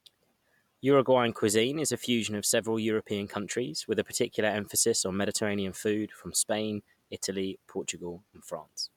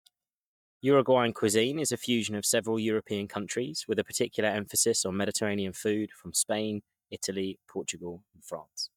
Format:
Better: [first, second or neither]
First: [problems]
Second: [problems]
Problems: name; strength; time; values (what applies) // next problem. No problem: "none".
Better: first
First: none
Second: noise reduction (neural mask model DeepFilterNet 3)